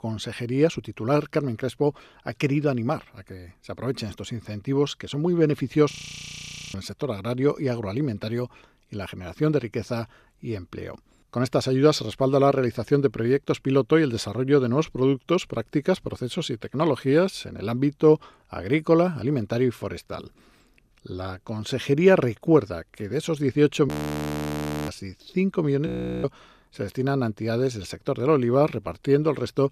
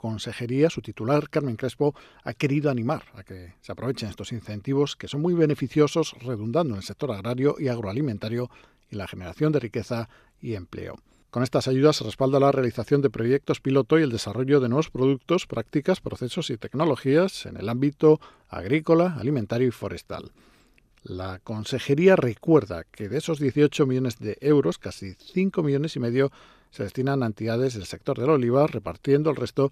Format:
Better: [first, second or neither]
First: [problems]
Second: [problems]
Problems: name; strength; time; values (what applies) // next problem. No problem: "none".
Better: second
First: audio freezing; at 6 s for 1 s, at 24 s for 1 s and at 26 s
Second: none